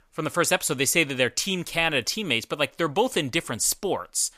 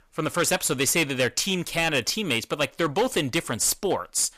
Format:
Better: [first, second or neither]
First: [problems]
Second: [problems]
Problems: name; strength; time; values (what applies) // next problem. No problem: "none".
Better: first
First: none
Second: distortion; slight; 6% of the sound clipped